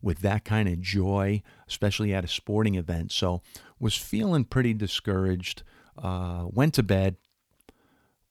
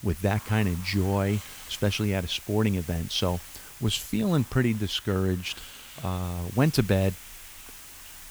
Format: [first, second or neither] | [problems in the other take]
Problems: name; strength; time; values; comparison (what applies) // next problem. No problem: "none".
first | hiss; noticeable; throughout; 15 dB below the speech